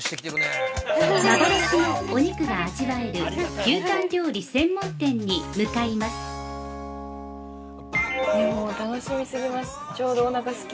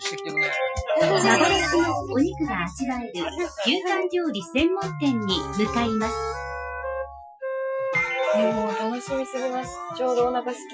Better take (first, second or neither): first